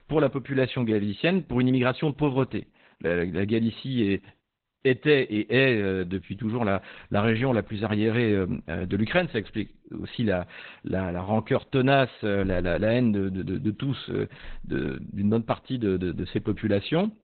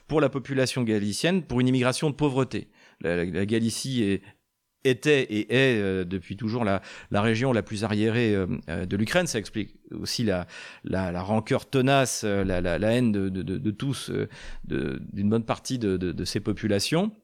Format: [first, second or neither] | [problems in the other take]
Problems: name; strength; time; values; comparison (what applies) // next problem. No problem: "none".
second | garbled, watery; badly; nothing above 4 kHz